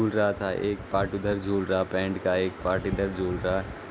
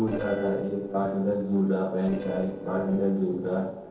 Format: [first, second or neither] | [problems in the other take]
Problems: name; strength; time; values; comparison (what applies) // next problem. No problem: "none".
first | noise reduction (neural separator model SepFormer DNS4)